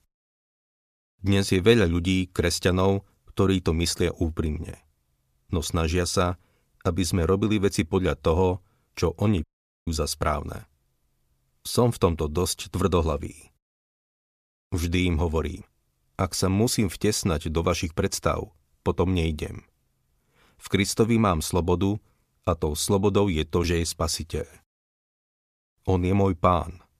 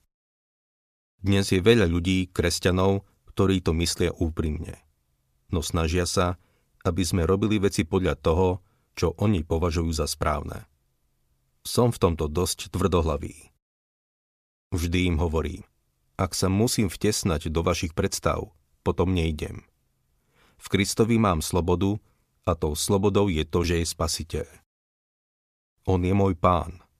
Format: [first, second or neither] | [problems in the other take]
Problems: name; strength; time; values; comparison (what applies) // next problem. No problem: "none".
second | audio cutting out; at 9.5 s